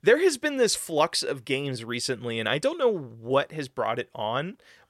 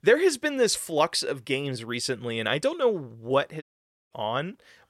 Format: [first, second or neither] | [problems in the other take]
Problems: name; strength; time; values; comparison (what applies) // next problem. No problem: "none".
first | audio cutting out; at 3.5 s